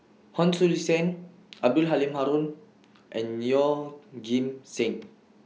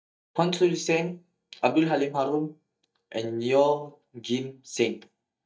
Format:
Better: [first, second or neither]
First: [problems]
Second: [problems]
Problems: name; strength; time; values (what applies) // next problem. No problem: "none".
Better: first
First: none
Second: noise reduction (neural mask model DeepFilterNet 3)